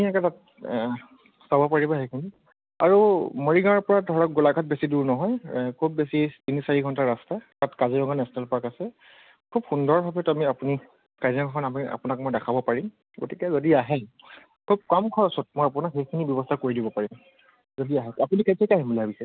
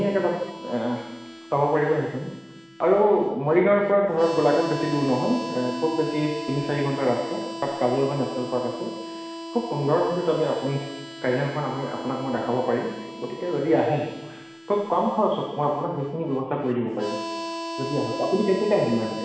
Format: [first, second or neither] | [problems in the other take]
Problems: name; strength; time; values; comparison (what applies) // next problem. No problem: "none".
first | background sound (Harmonica); 11 dB below the speech // room echo; dies away in 1.1 s